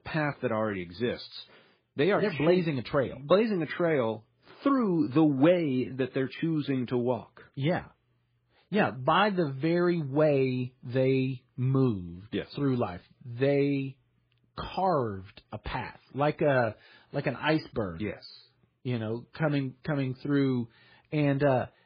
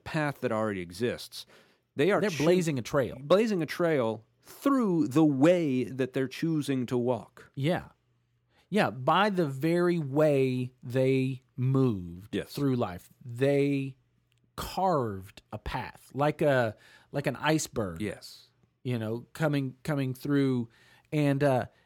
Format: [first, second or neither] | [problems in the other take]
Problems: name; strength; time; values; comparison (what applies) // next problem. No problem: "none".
second | garbled, watery; badly; nothing above 4.5 kHz